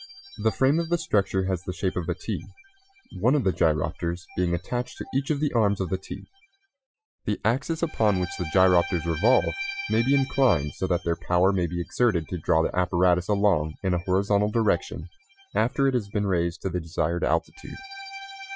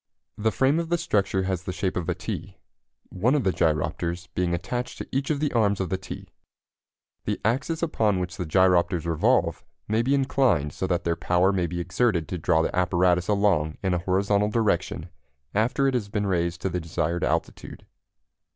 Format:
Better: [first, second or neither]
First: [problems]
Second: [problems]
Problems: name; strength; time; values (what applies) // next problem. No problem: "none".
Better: second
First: noise reduction (classical method Wiener filter)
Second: none